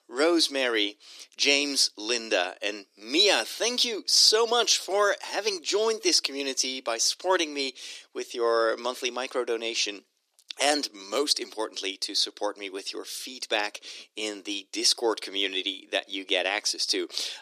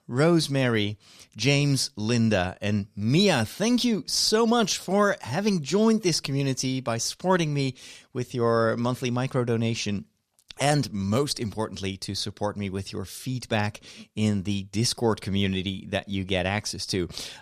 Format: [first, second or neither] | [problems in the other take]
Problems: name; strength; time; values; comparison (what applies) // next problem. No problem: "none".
second | thin; very; fading below 300 Hz